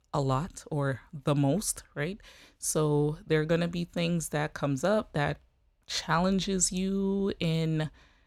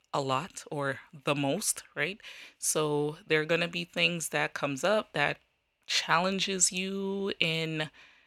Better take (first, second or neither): first